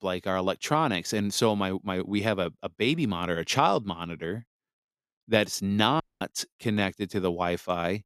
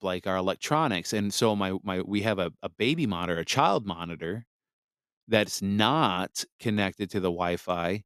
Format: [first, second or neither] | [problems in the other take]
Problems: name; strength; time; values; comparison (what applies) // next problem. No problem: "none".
second | audio cutting out; at 6 s